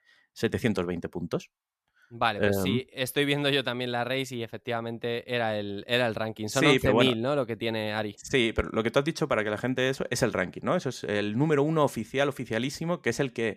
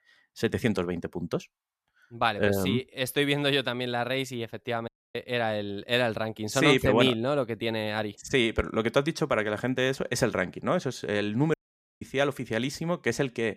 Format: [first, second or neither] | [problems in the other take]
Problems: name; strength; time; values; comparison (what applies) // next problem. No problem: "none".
first | audio cutting out; at 5 s and at 12 s